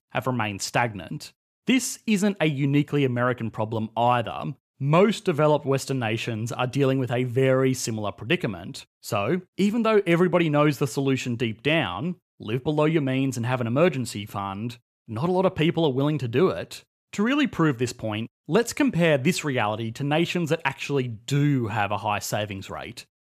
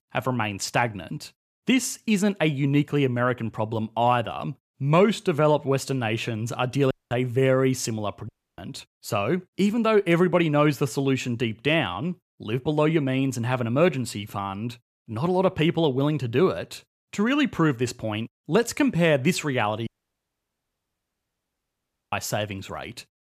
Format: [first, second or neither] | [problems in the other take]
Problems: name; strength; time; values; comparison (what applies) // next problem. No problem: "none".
first | audio cutting out; at 7 s, at 8.5 s and at 20 s for 2.5 s